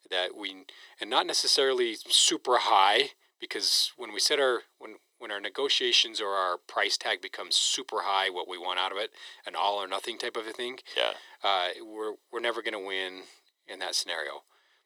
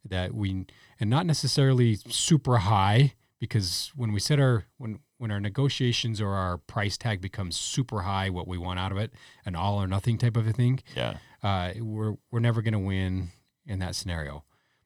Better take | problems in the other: second | thin; very; fading below 350 Hz

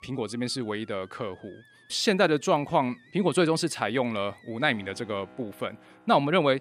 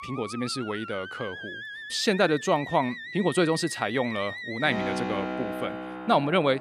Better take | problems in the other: first | background music; loud; throughout; 8 dB below the speech; faint in the first

